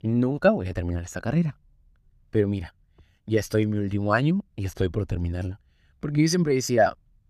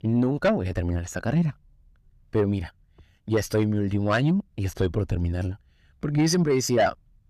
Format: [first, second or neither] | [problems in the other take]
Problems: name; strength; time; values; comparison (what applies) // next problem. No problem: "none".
first | distortion; slight; 10 dB below the speech